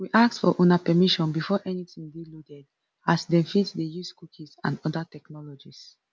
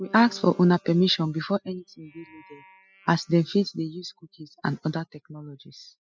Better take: first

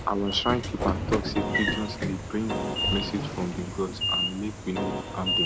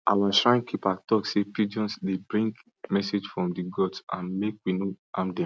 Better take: second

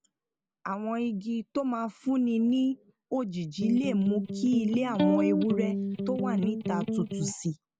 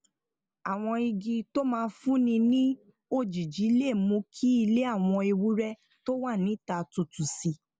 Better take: second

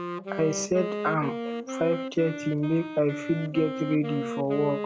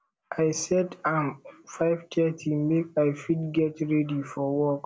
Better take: second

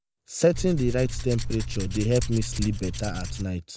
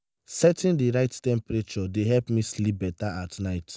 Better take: second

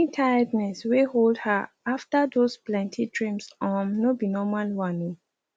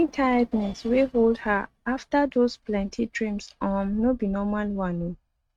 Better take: first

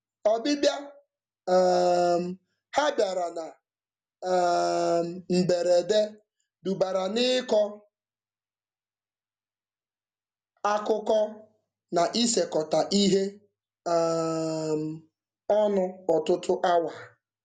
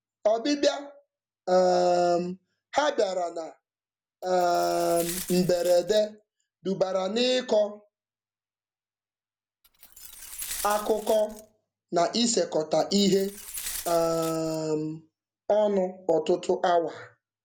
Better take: first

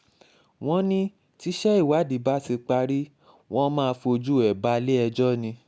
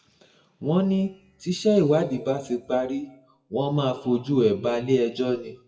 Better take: first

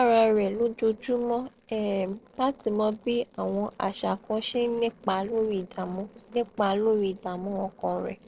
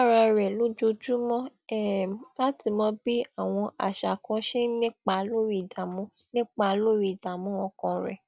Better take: second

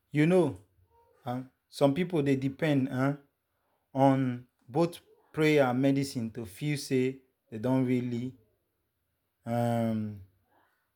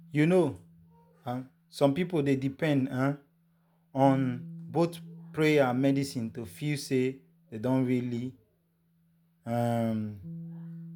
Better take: first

